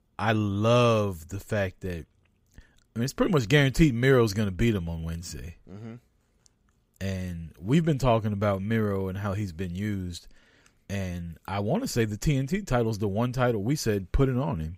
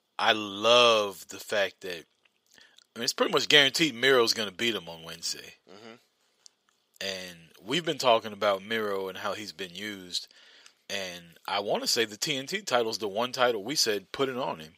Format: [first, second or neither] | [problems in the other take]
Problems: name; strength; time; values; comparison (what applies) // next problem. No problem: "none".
first | thin; very; fading below 500 Hz